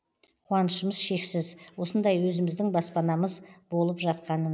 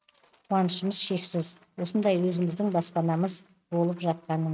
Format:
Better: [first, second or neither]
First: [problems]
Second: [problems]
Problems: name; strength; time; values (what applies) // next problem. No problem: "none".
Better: first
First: none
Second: noise reduction (neural mask model RNNoise)